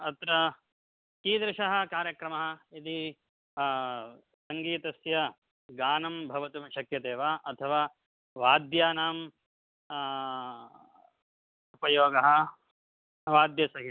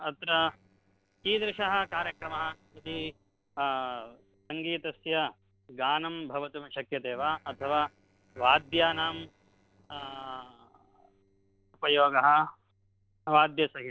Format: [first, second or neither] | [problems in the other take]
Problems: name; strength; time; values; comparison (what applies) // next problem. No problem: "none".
first | noise reduction (neural separator model SepFormer DNS4)